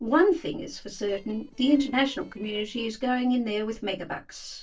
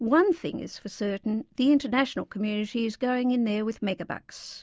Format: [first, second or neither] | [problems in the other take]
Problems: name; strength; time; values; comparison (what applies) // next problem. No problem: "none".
second | noise reduction (neural separator model SepFormer DNS4)